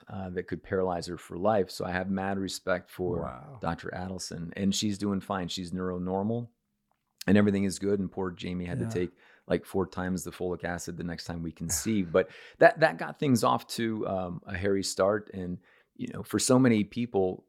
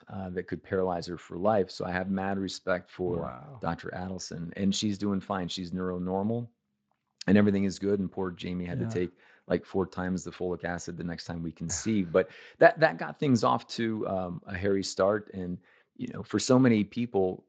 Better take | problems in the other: first | garbled, watery; slightly; nothing above 7.5 kHz

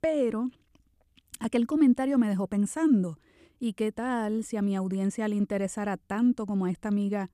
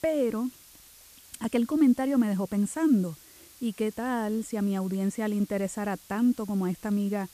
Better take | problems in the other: first | hiss; faint; throughout; 20 dB below the speech

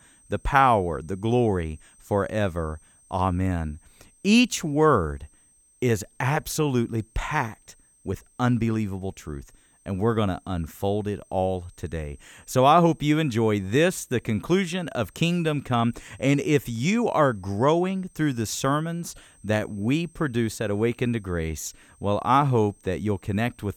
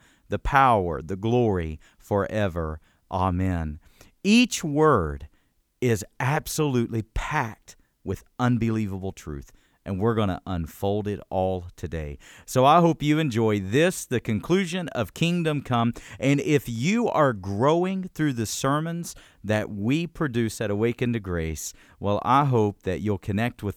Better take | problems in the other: second | high-pitched whine; faint; throughout; 8.5 kHz, 30 dB below the speech

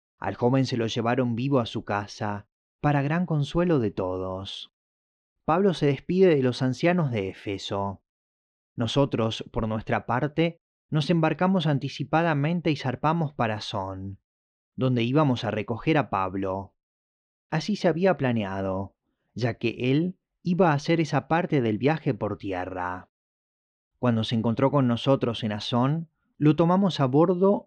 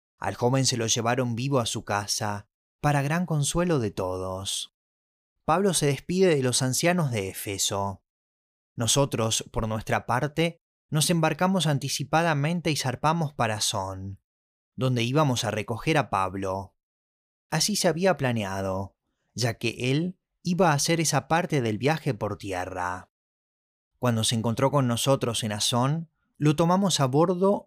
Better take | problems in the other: second | muffled; slightly; fading above 3.5 kHz

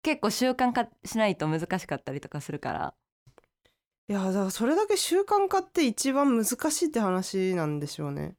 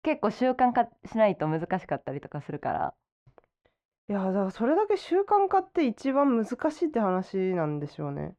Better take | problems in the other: first | muffled; very; fading above 2 kHz

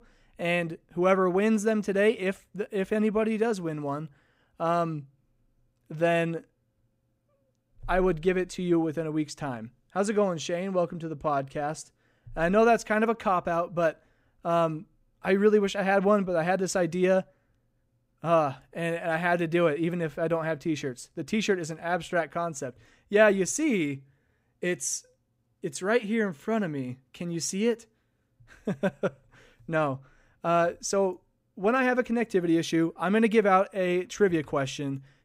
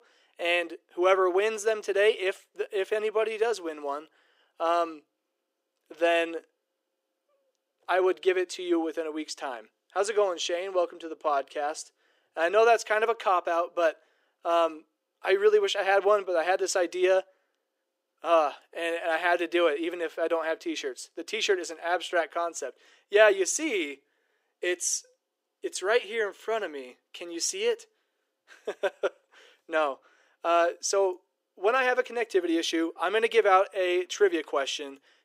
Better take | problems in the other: first | thin; very; fading below 350 Hz

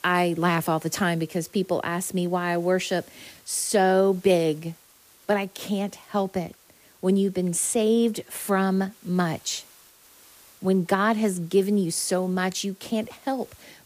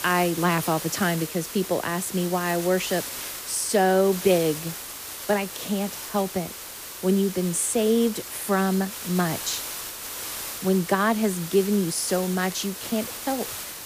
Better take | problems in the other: first | hiss; loud; throughout; 8 dB below the speech; faint in the first

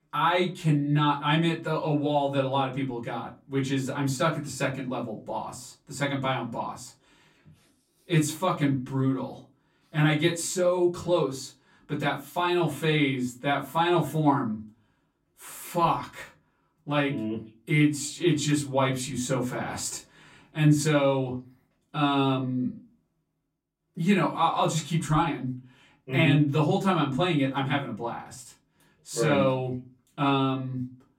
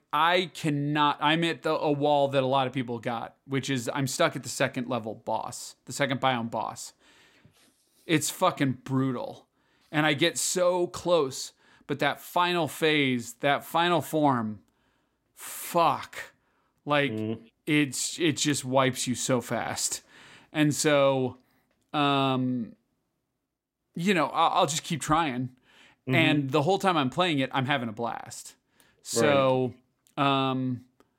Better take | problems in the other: second | off-mic speech; far // room echo; very slight; dies away in 0.3 s

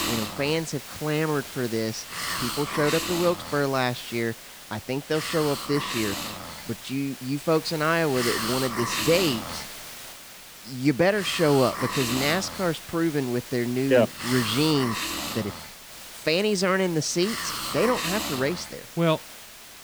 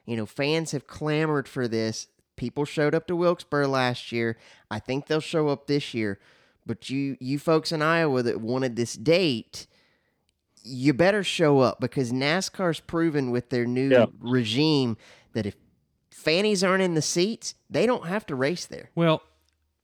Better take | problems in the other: second | hiss; loud; throughout; 6 dB below the speech

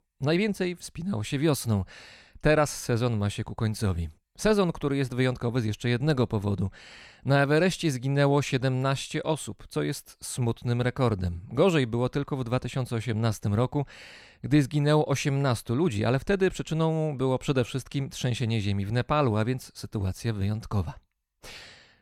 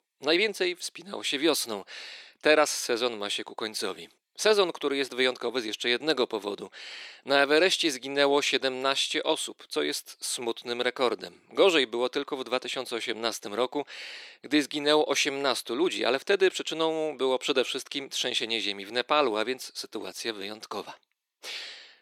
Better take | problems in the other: first | thin; somewhat; fading below 350 Hz

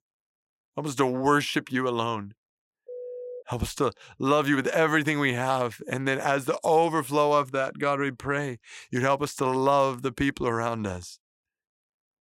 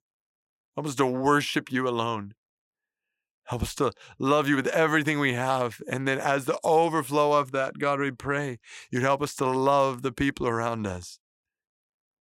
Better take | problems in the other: second | phone ringing; faint; at 3 s; peak 10 dB below the speech

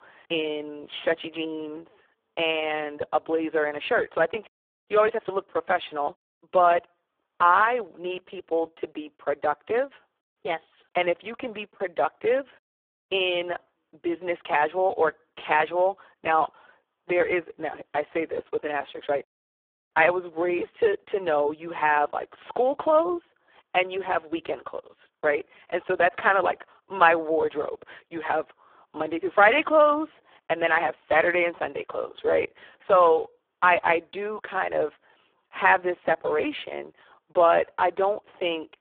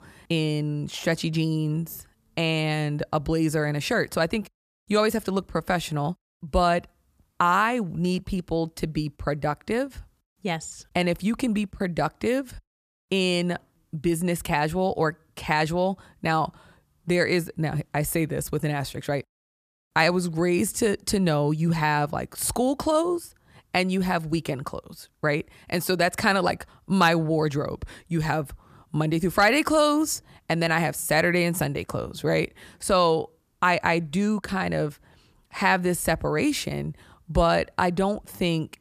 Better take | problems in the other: second | phone-call audio; poor line

